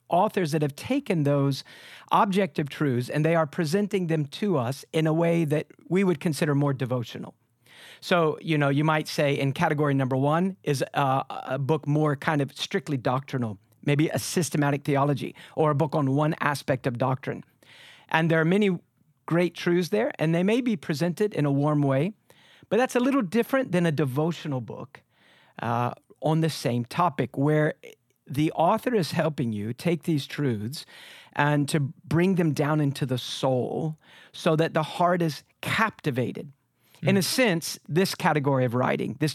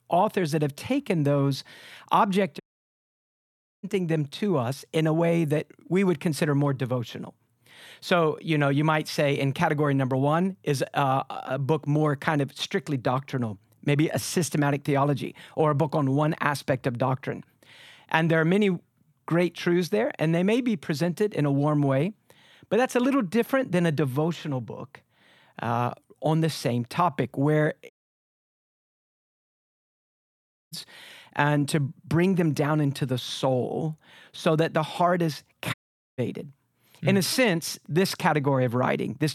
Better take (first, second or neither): first